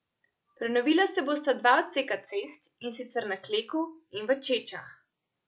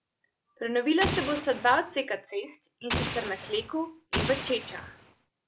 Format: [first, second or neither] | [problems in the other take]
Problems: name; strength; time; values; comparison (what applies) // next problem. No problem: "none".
first | background sound (Explosion); 5 dB below the speech